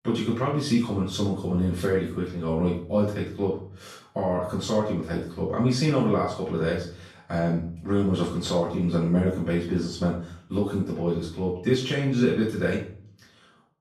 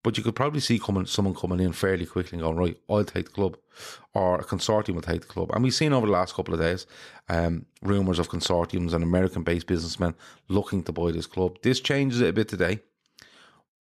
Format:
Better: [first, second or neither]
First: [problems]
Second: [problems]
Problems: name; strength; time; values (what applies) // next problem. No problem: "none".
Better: second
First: room echo; noticeable; dies away in 0.5 s // off-mic speech; far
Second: none